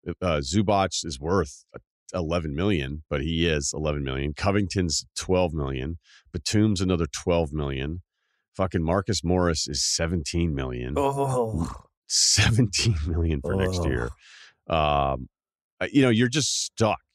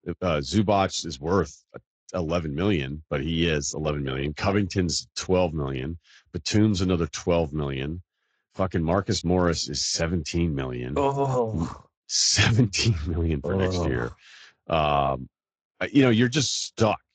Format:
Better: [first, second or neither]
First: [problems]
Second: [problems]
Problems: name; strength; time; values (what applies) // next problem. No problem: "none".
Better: first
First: none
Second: garbled, watery; slightly; nothing above 7.5 kHz